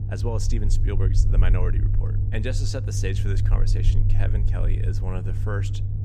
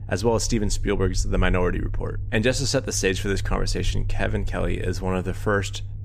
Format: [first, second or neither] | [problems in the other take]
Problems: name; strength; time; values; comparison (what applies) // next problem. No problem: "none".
second | low rumble; loud; throughout; 4 dB below the speech; faint in the second